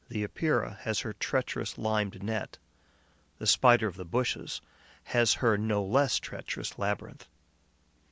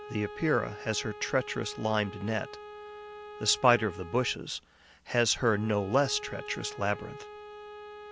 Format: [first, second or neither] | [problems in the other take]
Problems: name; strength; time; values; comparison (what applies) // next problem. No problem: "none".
first | background sound (Bowed string instrument); 14 dB below the speech